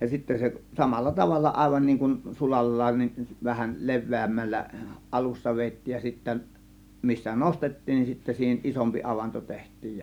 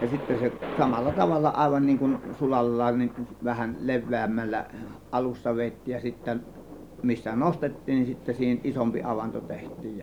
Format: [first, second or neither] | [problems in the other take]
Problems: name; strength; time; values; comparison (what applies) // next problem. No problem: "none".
first | background sound (Thunder); 15 dB below the speech